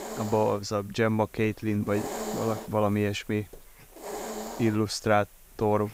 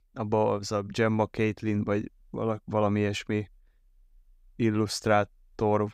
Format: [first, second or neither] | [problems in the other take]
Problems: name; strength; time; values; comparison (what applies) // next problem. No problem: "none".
second | hiss; noticeable; throughout; 10 dB below the speech